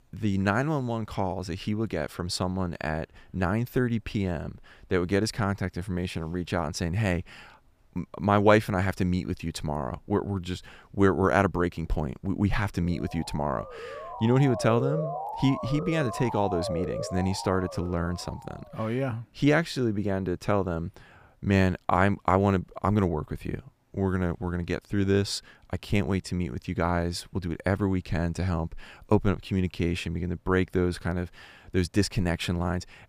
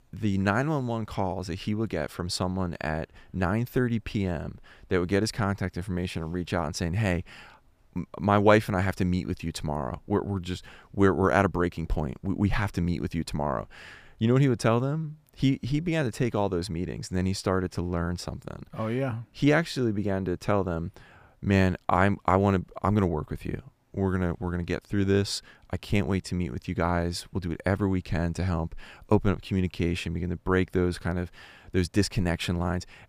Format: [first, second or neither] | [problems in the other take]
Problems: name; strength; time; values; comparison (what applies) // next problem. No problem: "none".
second | siren; noticeable; from 13 to 19 s; peak 3 dB below the speech